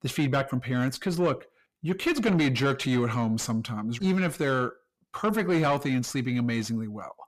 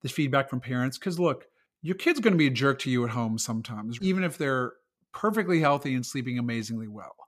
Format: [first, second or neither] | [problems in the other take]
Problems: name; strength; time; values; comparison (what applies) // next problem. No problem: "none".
second | distortion; slight; 10 dB below the speech